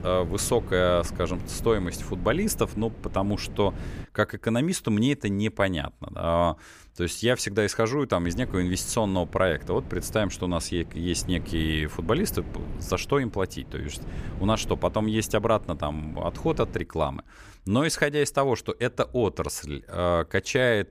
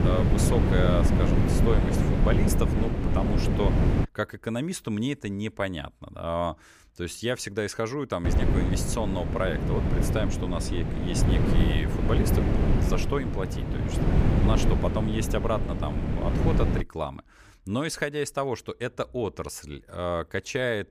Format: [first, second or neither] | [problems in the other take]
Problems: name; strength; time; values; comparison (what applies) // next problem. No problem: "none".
first | wind noise on the microphone; heavy; until 4 s and from 8 to 17 s; 1 dB below the speech; occasional gusts in the first